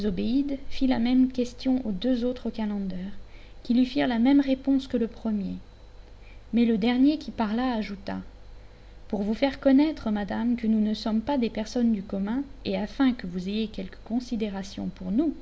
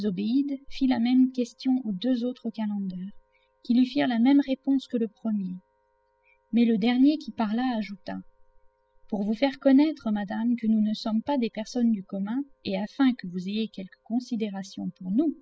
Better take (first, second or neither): first